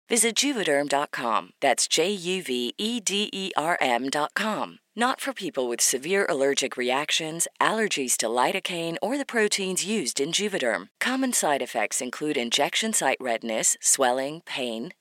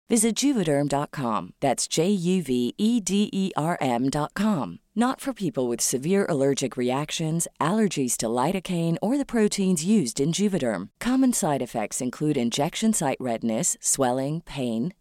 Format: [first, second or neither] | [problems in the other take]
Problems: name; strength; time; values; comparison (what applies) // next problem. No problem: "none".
second | thin; somewhat; fading below 400 Hz